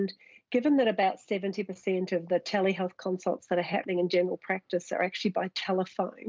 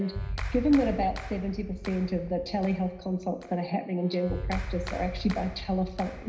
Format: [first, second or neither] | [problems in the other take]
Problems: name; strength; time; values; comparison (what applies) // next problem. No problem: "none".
first | background sound (Clapping); 8 dB below the speech // room echo; dies away in 0.9 s